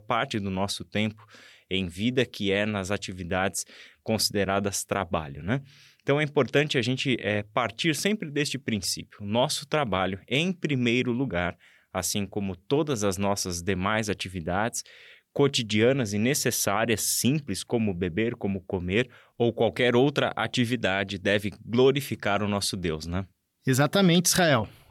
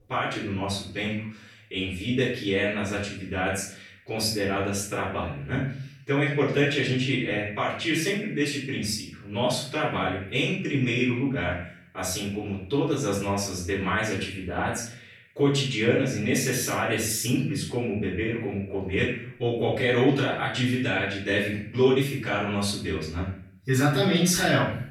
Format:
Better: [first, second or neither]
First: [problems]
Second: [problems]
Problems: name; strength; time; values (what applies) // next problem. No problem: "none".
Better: first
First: none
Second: off-mic speech; far // room echo; noticeable; dies away in 0.6 s